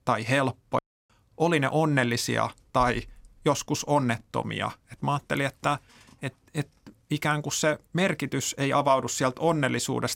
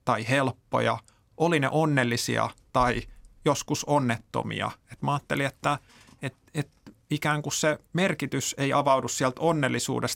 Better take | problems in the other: second | audio cutting out; at 1 s

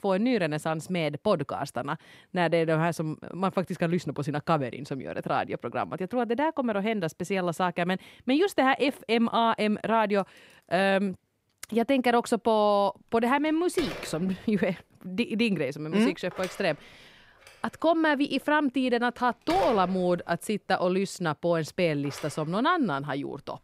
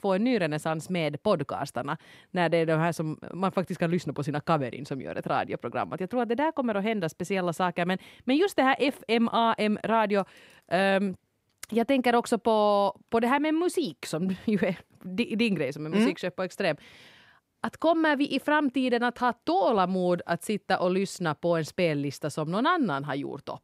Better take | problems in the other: second | alarms or sirens; noticeable; from 12 s on; 15 dB below the speech

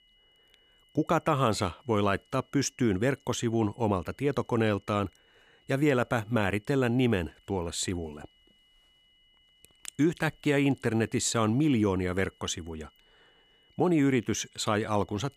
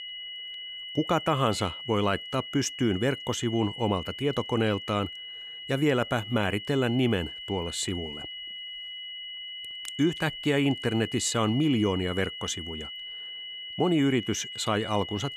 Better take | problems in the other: first | high-pitched whine; loud; throughout; 3 kHz, 9 dB below the speech; faint in the first

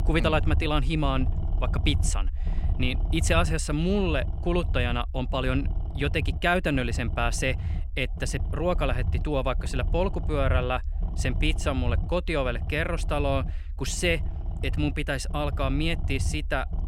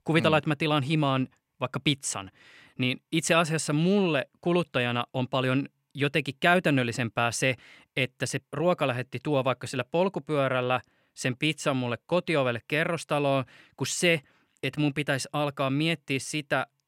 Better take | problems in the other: second | low rumble; noticeable; throughout; 15 dB below the speech

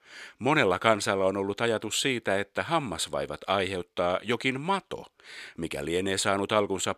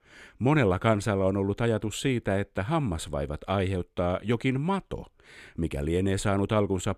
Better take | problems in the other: second | thin; somewhat; fading below 700 Hz

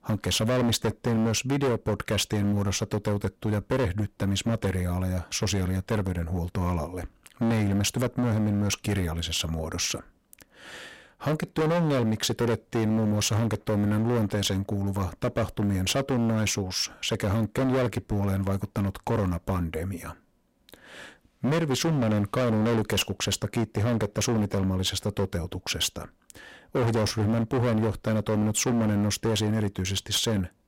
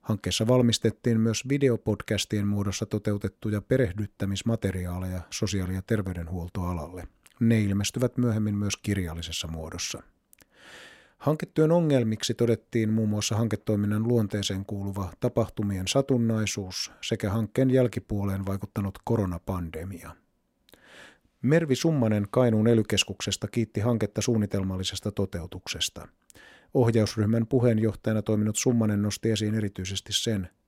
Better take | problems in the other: second | distortion; heavy; 19% of the sound clipped

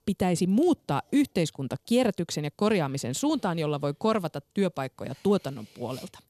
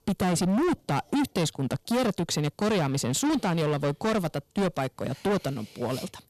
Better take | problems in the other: first | distortion; heavy; 21% of the sound clipped

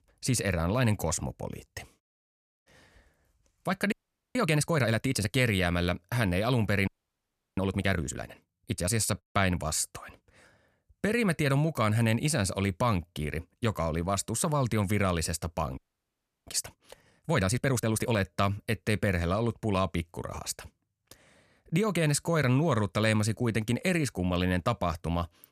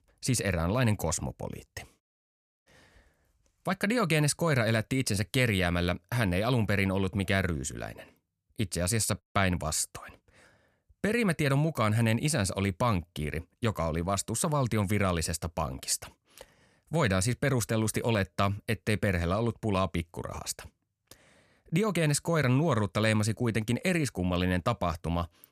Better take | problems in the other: second | audio freezing; at 4 s, at 7 s for 0.5 s and at 16 s for 0.5 s

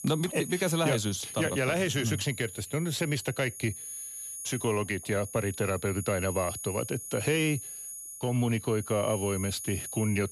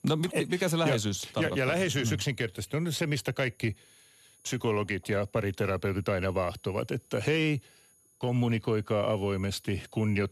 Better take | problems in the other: second | high-pitched whine; loud; throughout; 10 kHz, 9 dB below the speech; faint in the second

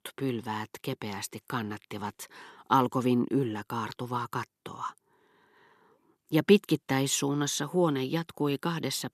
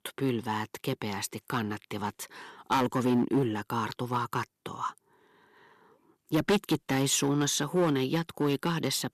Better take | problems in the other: first | distortion; heavy; 4% of the sound clipped

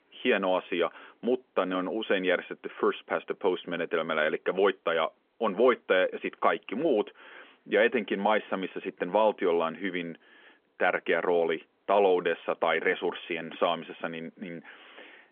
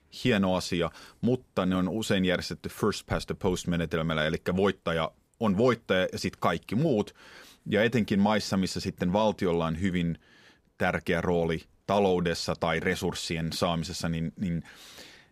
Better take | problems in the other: second | phone-call audio; nothing above 3.5 kHz

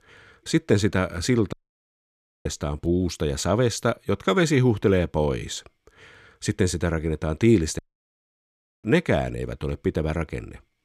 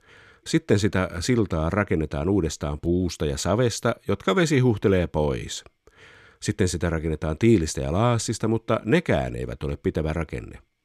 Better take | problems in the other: second | audio cutting out; at 1.5 s for 1 s and at 8 s for 1 s

